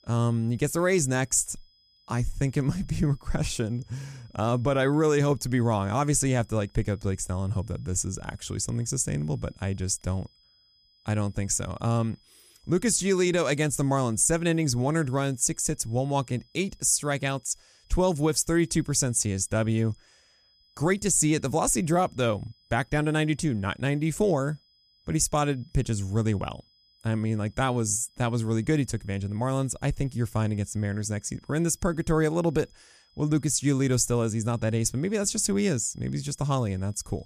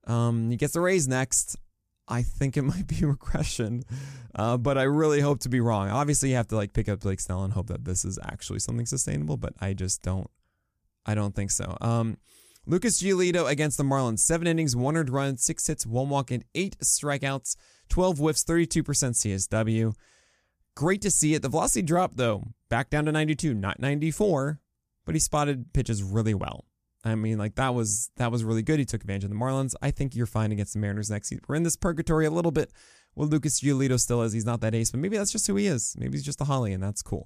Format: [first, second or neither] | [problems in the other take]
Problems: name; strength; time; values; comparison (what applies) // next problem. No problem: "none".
second | high-pitched whine; faint; throughout; 5 kHz, 35 dB below the speech